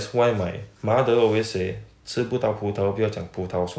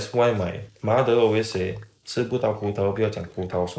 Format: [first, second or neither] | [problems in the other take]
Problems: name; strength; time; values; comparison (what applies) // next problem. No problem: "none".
first | noise reduction (neural mask model Resemble Enhance denoiser)